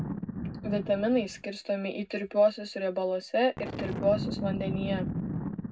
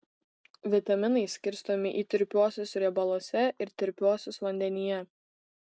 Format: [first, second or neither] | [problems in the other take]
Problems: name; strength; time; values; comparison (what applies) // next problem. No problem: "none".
second | background sound (Boom); 6 dB below the speech // room echo; dies away in 0.3 s